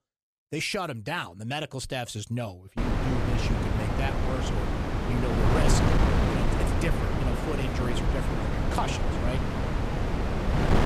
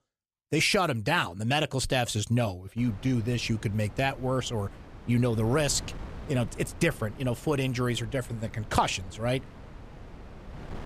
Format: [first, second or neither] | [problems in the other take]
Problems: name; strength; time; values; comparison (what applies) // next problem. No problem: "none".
second | wind noise on the microphone; heavy; from 3 s on; 2 dB above the speech; occasional gusts in the second